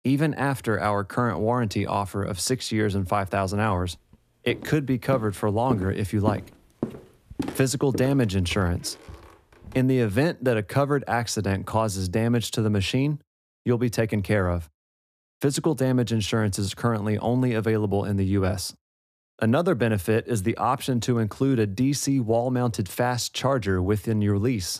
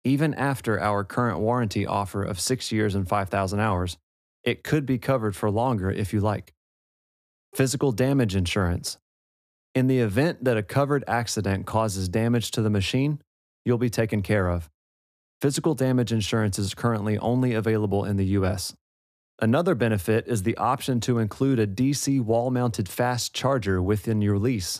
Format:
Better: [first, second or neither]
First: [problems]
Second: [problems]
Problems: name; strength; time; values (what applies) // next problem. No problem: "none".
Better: second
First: footsteps; noticeable; from 4.5 to 10 s; peak 8 dB below the speech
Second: none